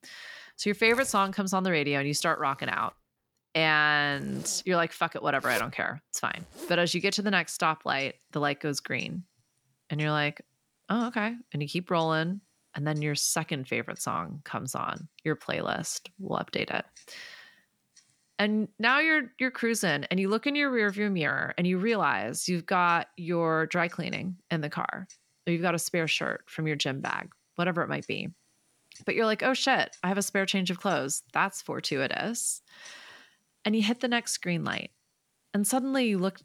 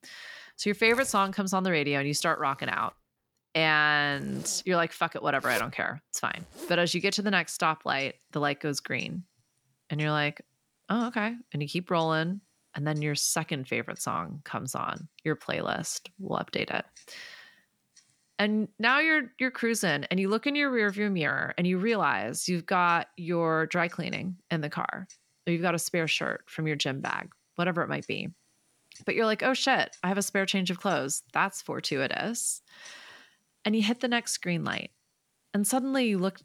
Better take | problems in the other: neither | household noises; faint; throughout; 20 dB below the speech; the same in both

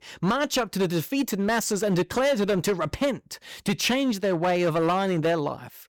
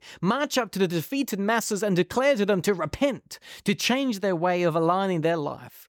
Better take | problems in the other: second | distortion; slight; 10% of the sound clipped

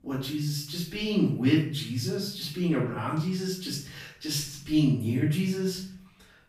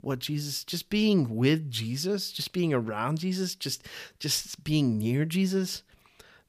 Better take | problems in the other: second | off-mic speech; far // room echo; noticeable; dies away in 0.5 s

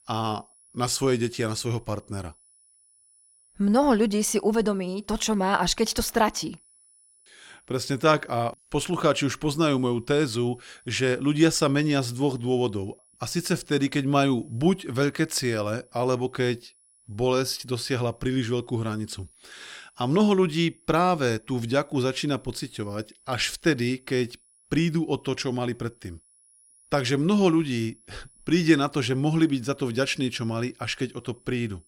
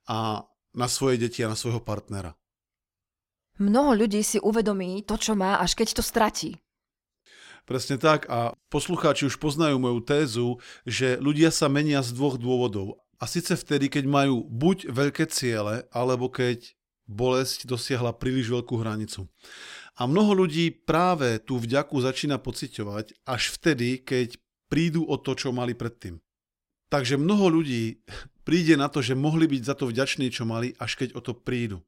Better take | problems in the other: second | high-pitched whine; faint; throughout; 10 kHz, 30 dB below the speech

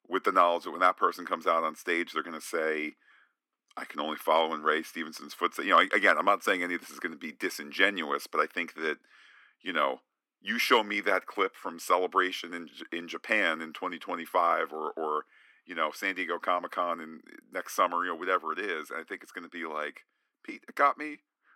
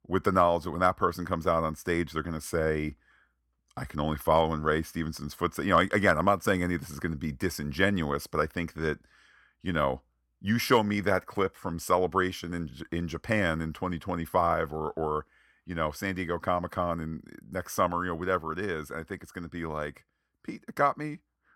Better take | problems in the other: second | thin; somewhat; fading below 250 Hz

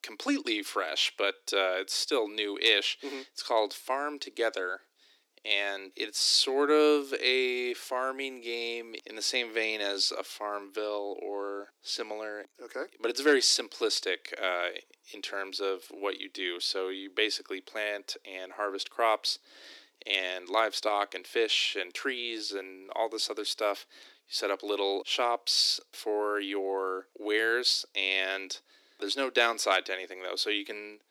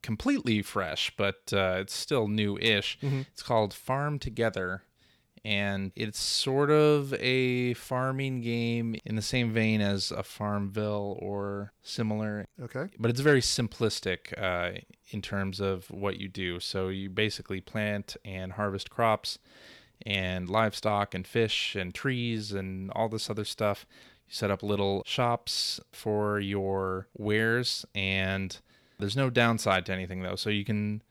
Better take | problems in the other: second | thin; somewhat; fading below 300 Hz

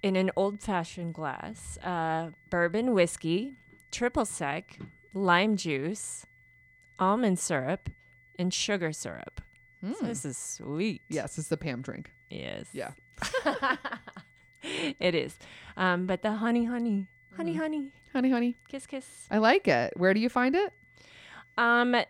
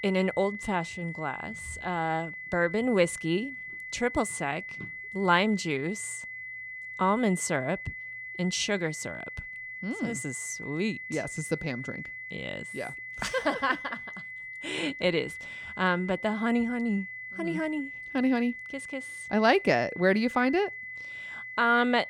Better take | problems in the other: first | high-pitched whine; loud; throughout; 2 kHz, 9 dB below the speech; faint in the first

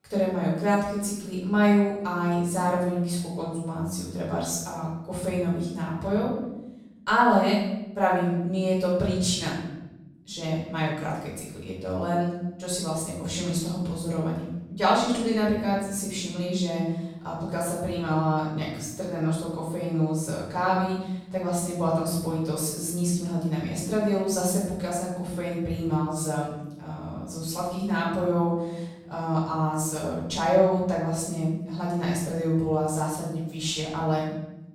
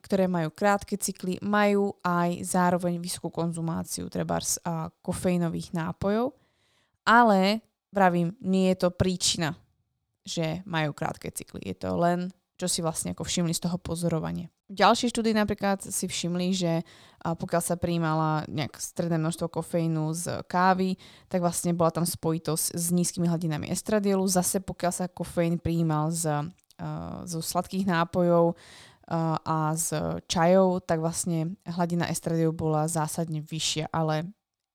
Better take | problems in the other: second | off-mic speech; far // room echo; noticeable; dies away in 0.9 s

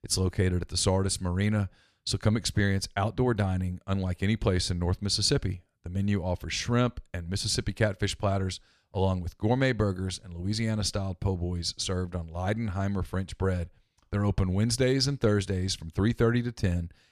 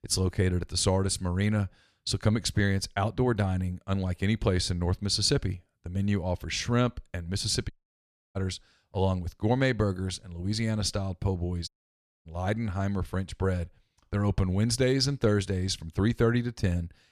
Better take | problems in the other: first | audio cutting out; at 7.5 s for 0.5 s and at 12 s for 0.5 s

